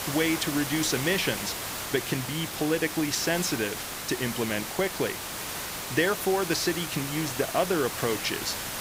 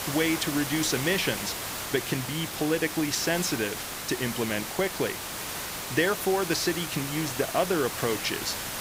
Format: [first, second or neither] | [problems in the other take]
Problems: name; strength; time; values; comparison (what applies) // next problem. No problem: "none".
neither | hiss; loud; throughout; 4 dB below the speech; the same in both